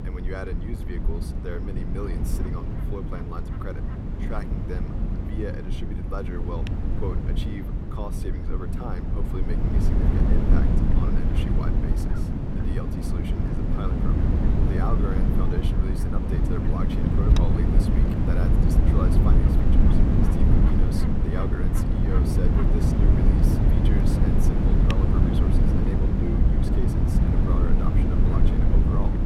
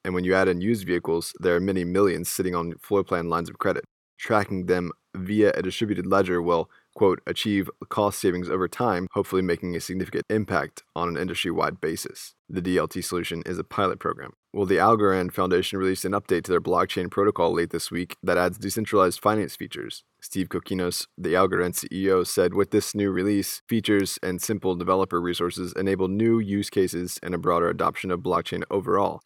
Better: second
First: wind noise on the microphone; heavy; 4 dB above the speech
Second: none

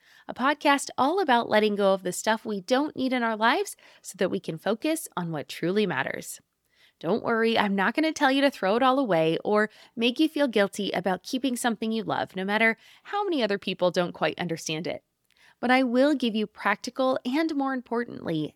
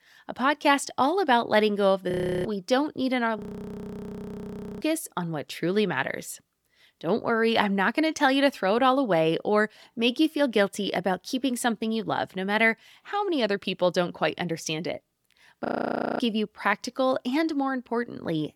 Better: first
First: none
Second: audio freezing; at 2 s, at 3.5 s for 1.5 s and at 16 s for 0.5 s

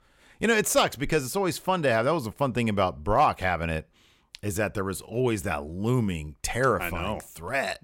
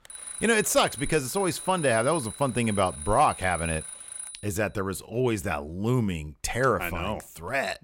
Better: first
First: none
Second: alarm; noticeable; until 4.5 s; peak 7 dB below the speech

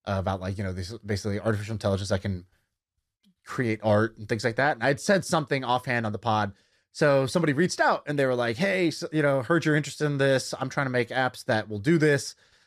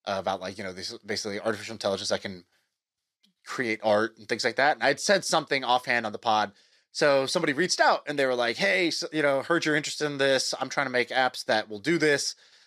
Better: first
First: none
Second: thin; somewhat; fading below 250 Hz

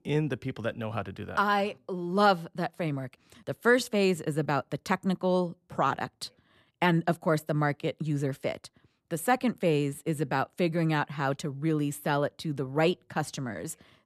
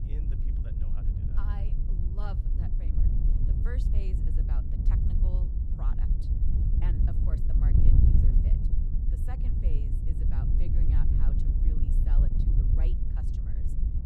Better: first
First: none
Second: wind noise on the microphone; heavy; 5 dB above the speech

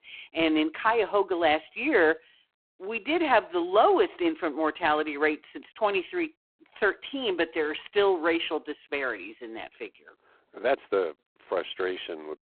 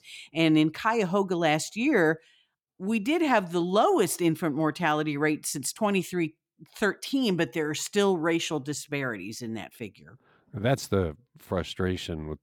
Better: second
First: phone-call audio; poor line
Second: none

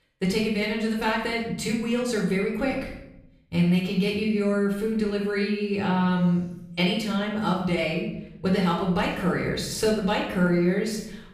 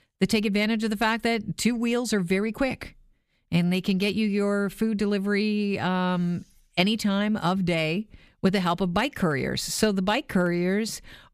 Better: second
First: off-mic speech; somewhat distant // room echo; noticeable; dies away in 0.7 s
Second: none

